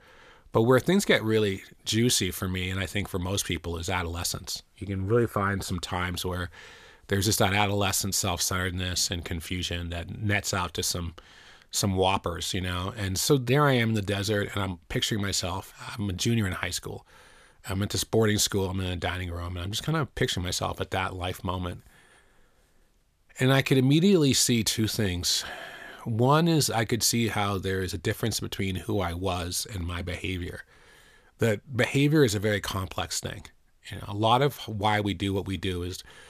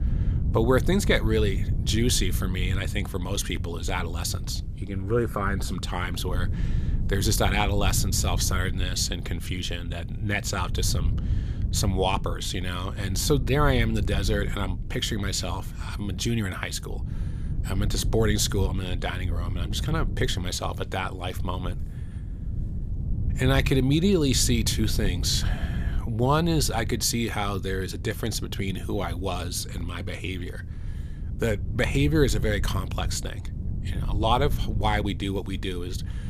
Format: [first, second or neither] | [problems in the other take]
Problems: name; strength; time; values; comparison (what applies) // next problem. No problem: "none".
first | wind noise on the microphone; occasional gusts; 15 dB below the speech